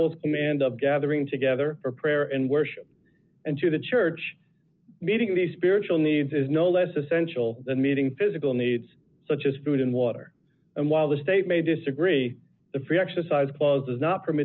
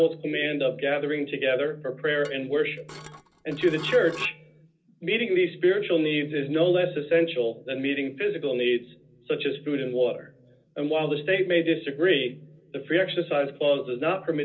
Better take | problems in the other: first | background sound (Dishes, pots, and pans / Glass); 17 dB below the speech // room echo; dies away in 0.2 s

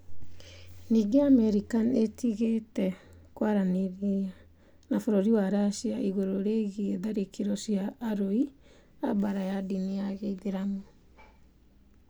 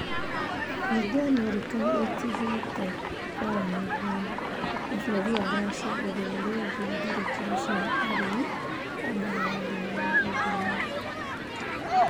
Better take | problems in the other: first | background sound (Human group actions); 2 dB above the speech

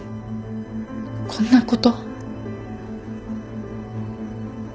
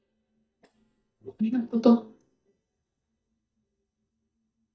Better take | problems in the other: first | noise reduction (neural mask model DeepFilterNet 3)

